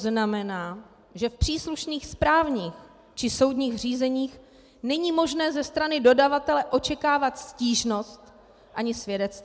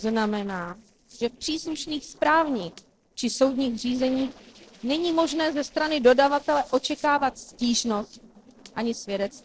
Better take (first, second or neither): first